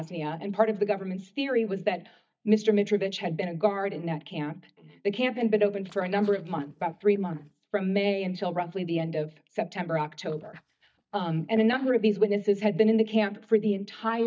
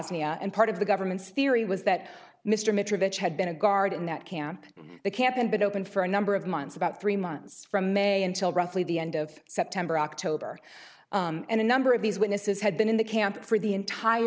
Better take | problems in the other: second | noise reduction (neural mask model DeepFilterNet 3)

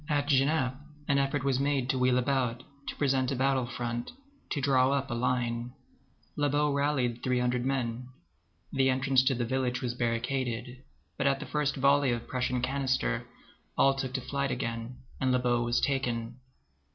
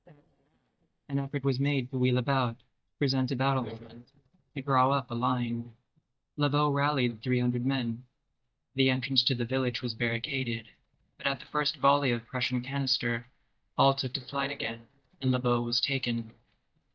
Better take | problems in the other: first | noise reduction (neural mask model DeepFilterNet 3)

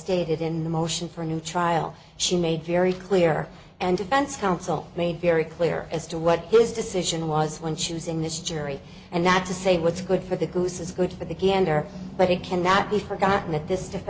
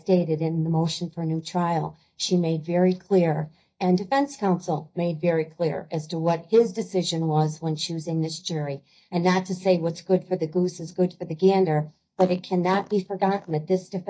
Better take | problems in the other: first | noise reduction (neural mask model DeepFilterNet 3)

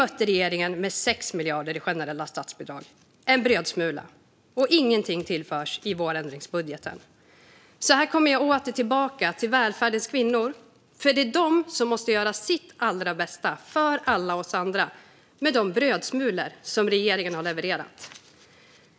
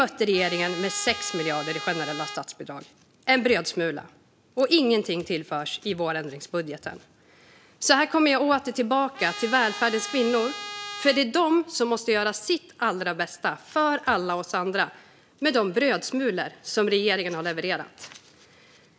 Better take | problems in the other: first | background sound (Trumpet); 11 dB below the speech

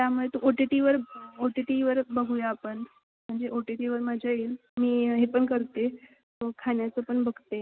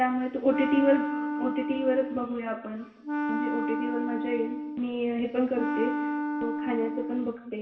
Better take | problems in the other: first | background sound (Wind instrument, woodwind instrument); 3 dB below the speech // room echo; dies away in 1 s

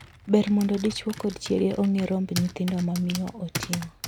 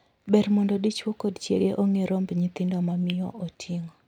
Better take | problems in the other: second | background sound (Computer keyboard); 12 dB below the speech

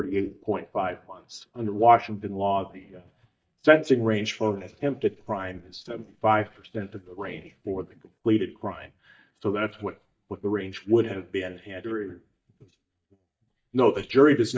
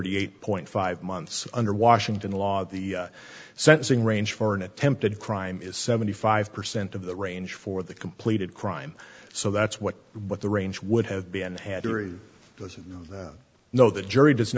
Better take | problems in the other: second | noise reduction (neural mask model DeepFilterNet 3)

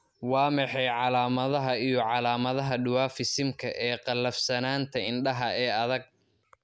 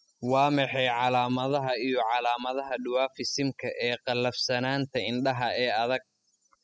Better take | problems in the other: first | noise reduction (classical method spectral subtraction)

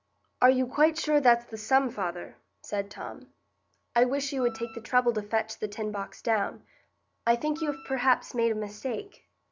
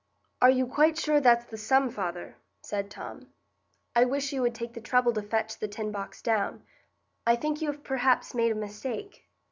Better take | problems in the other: second | background sound (Wind instrument, woodwind instrument); 18 dB below the speech

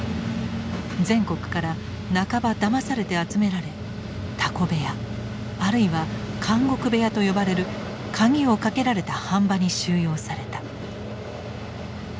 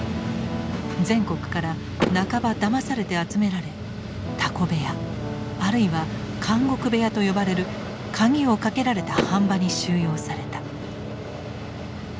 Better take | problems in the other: first | background sound (Guitar + Door / Car); 10 dB below the speech

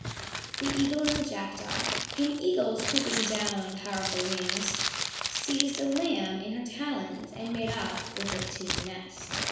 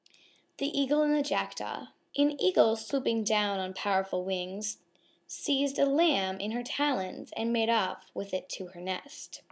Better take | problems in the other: second | background sound (Crumpling, crinkling); 2 dB below the speech // room echo; dies away in 1.1 s

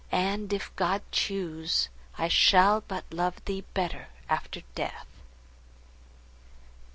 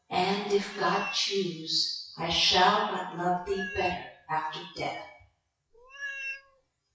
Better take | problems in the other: first | noise reduction (classical method WPE with log-MMSE)

